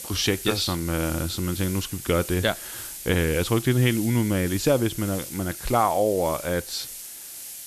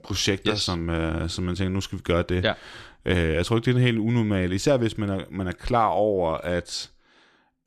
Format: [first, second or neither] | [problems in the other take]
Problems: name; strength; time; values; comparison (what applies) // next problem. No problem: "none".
second | hiss; noticeable; throughout; 10 dB below the speech